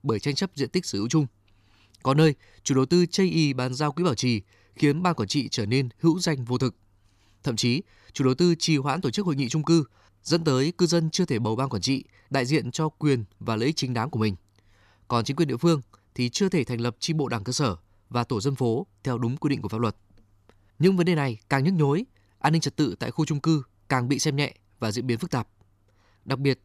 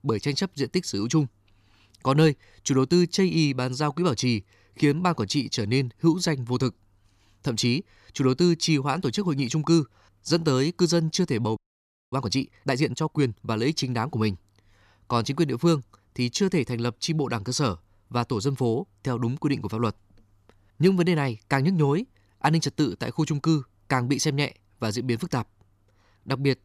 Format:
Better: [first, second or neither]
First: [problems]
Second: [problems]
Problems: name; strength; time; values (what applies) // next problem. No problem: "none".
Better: first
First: none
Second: audio freezing; at 12 s for 0.5 s